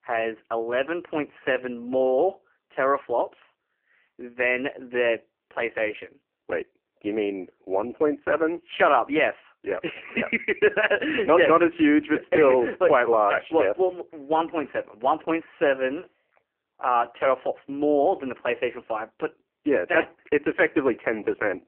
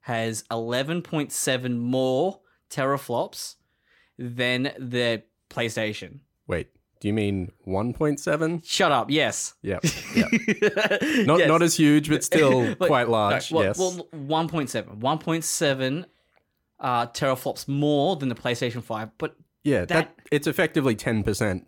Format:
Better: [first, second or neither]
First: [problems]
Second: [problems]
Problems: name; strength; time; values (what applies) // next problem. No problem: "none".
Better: second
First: phone-call audio; poor line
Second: none